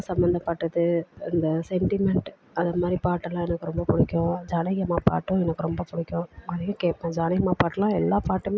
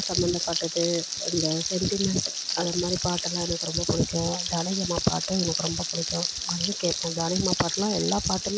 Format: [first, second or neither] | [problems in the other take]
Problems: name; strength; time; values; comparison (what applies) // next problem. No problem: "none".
first | background sound (Frying (food)); 2 dB below the speech